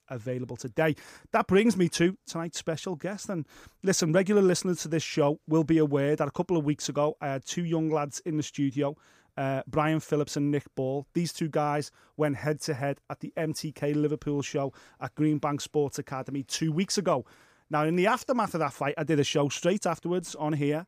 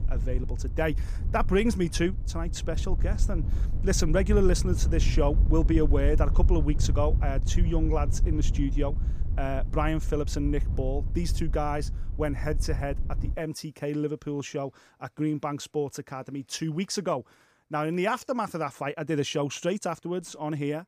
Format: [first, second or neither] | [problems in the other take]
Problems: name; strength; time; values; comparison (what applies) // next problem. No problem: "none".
first | wind noise on the microphone; occasional gusts; until 13 s; 15 dB below the speech